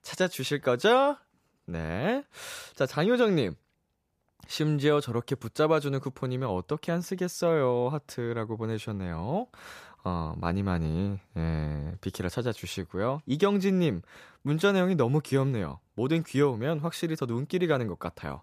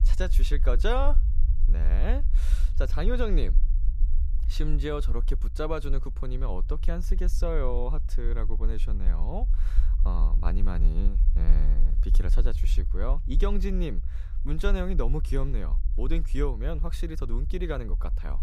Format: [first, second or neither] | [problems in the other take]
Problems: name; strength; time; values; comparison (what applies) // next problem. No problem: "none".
first | low rumble; noticeable; throughout; 15 dB below the speech